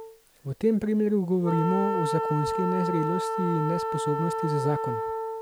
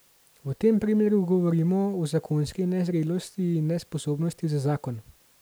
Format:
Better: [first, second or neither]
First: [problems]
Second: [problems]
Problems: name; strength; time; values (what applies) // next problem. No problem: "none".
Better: second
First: background sound (Wind instrument, woodwind instrument); 2 dB below the speech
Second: none